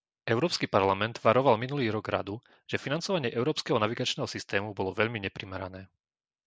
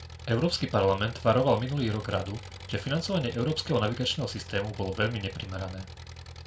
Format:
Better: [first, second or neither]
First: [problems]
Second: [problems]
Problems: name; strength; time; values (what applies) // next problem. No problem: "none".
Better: first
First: none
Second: background sound (Engine); 14 dB below the speech // room echo; dies away in 0.2 s